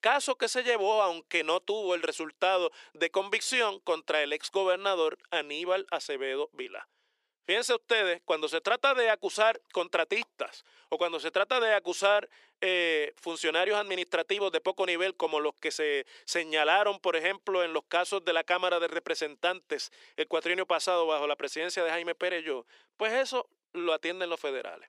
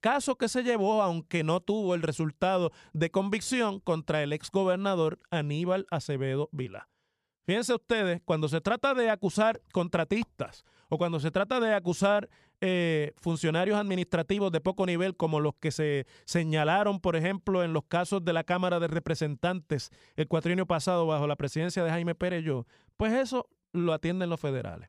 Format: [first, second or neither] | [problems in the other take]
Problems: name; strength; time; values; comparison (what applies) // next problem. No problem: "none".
second | thin; very; fading below 350 Hz